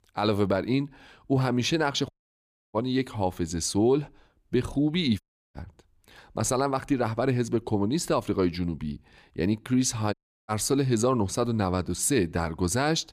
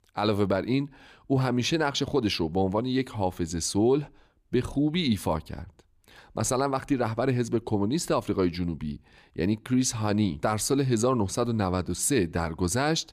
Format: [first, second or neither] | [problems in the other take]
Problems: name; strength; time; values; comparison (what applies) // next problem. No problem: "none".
second | audio cutting out; at 2 s for 0.5 s, at 5 s and at 10 s